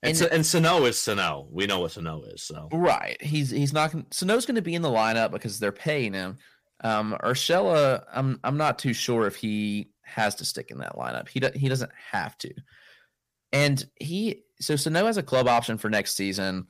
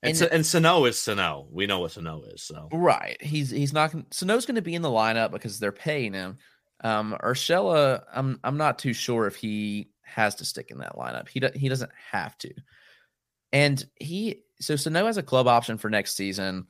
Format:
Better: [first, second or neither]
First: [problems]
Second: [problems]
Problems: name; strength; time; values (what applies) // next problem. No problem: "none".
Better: second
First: distortion; slight; 10 dB below the speech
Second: none